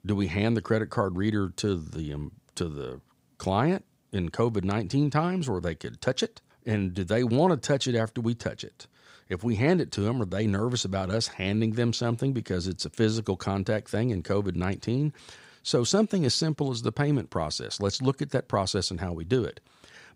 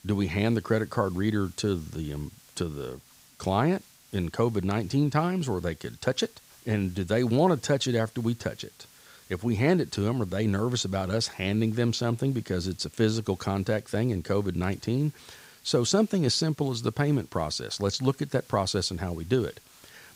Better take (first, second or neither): first